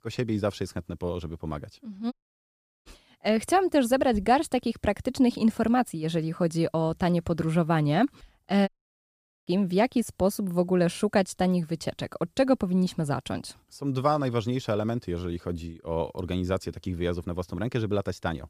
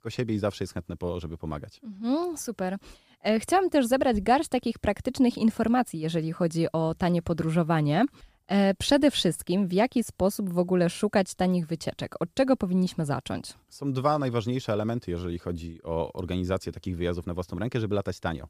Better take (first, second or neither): second